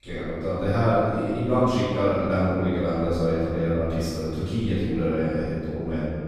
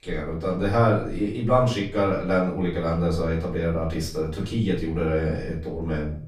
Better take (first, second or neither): second